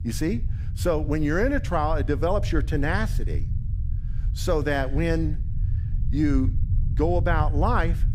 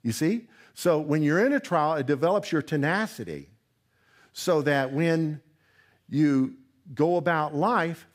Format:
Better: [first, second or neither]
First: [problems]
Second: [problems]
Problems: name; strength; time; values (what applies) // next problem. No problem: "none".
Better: second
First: low rumble; noticeable; throughout; 20 dB below the speech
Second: none